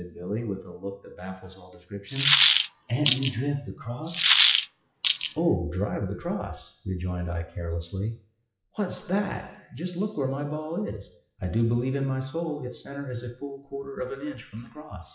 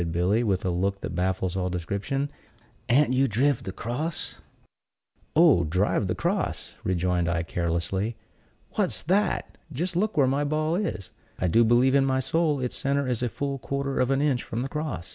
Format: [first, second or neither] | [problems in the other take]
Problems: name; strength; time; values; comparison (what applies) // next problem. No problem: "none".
second | noise reduction (classical method WPE with log-MMSE)